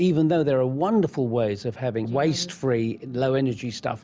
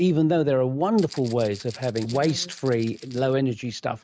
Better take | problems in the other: first | noise reduction (neural mask model RNNoise)

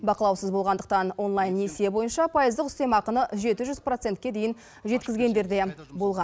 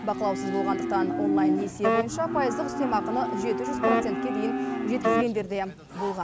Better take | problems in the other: first | background sound (Wind instrument, woodwind instrument + Livestock, farm animals, working animals); 2 dB above the speech

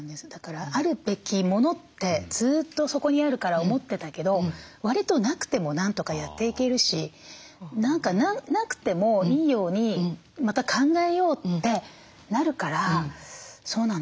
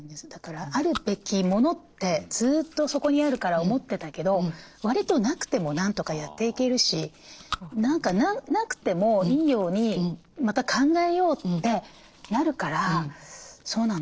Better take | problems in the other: first | noise reduction (neural separator model SepFormer DNS4)

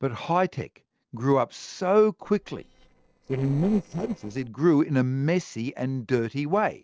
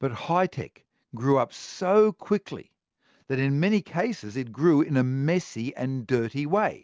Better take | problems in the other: second | noise reduction (neural separator model SepFormer DNS4)

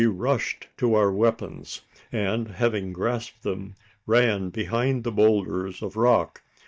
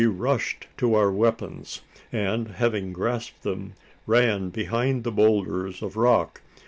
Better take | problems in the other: second | noise reduction (neural mask model DeepFilterNet 3)

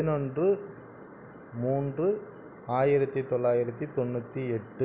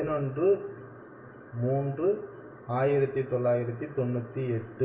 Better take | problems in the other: first | room echo; dies away in 0.8 s

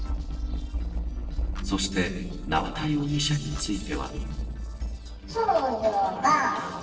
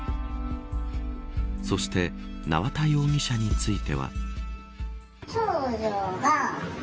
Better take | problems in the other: second | noise reduction (neural separator model SepFormer DNS4)

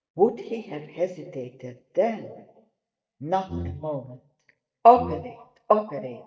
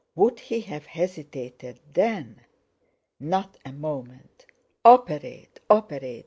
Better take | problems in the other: second | noise reduction (neural mask model DeepFilterNet 3)

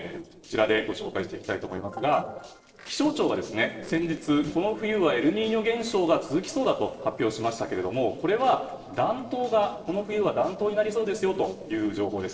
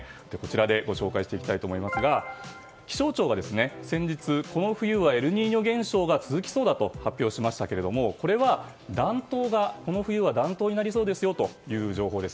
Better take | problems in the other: second | noise reduction (neural separator model SepFormer DNS4)

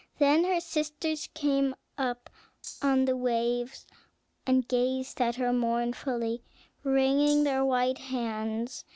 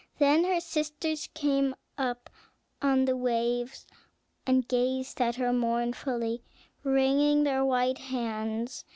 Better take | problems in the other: second | background sound (Rattle (instrument)); 16 dB below the speech

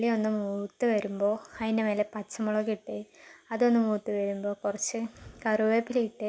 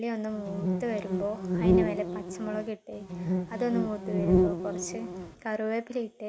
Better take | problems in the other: first | background sound (Insect); 5 dB above the speech

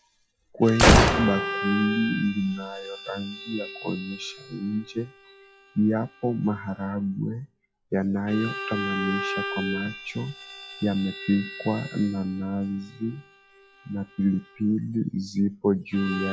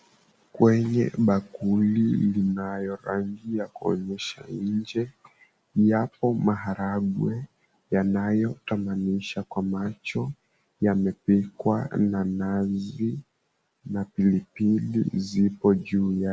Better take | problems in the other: second | noise reduction (classical method log-MMSE)

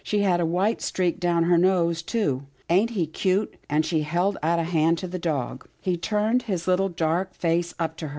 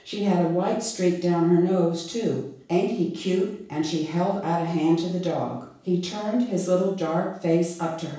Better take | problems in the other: first | room echo; dies away in 0.7 s

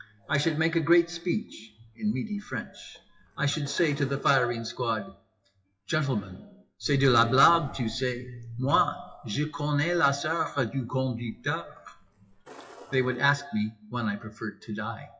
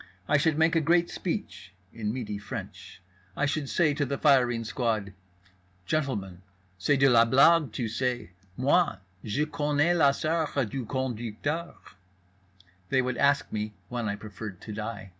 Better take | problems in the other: second | noise reduction (classical method WPE with log-MMSE)

